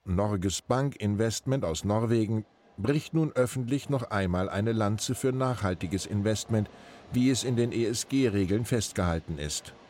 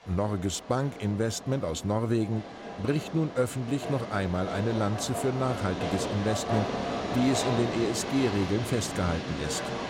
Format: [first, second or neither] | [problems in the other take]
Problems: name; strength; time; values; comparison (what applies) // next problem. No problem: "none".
first | train or aircraft noise; loud; throughout; 5 dB below the speech; faint in the first